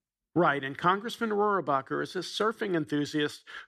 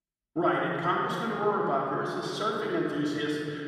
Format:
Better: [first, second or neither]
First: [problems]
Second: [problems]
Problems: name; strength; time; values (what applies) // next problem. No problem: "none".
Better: first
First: none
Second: off-mic speech; far // room echo; strong; dies away in 3 s